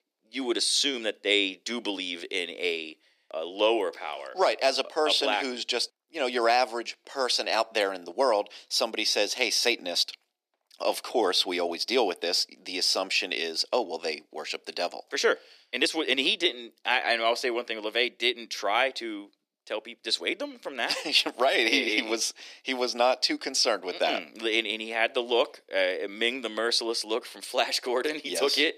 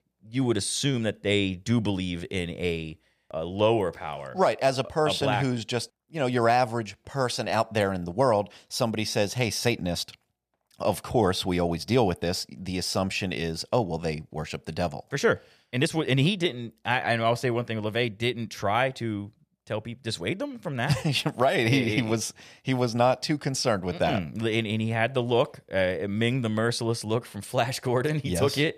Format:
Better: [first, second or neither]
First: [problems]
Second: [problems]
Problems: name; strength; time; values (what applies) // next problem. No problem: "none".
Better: second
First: thin; somewhat; fading below 300 Hz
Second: none